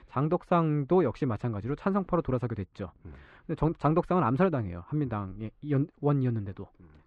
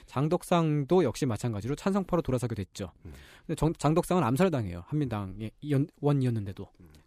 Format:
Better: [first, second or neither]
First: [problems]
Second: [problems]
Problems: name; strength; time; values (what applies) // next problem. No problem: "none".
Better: second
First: muffled; very; fading above 2 kHz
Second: none